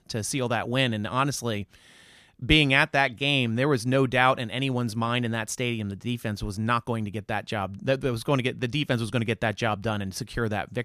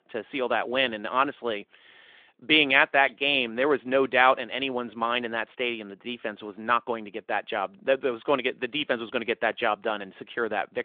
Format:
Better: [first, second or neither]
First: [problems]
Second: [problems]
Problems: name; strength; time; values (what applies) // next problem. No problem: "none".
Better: first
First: none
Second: phone-call audio; nothing above 3.5 kHz